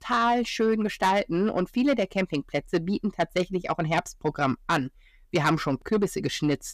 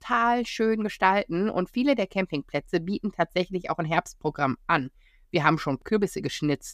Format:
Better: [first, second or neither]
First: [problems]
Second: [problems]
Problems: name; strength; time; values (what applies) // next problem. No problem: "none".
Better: second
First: distortion; slight; 10 dB below the speech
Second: none